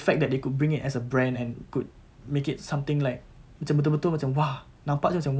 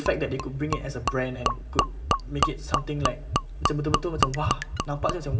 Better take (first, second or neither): first